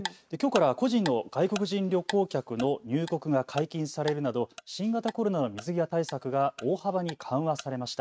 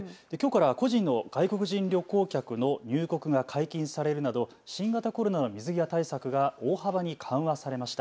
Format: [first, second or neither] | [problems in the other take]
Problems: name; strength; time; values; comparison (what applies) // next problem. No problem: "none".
second | noise reduction (neural mask model RNNoise)